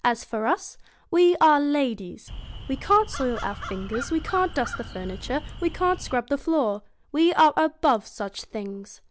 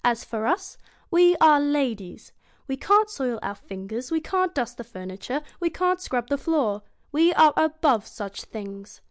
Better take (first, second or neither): second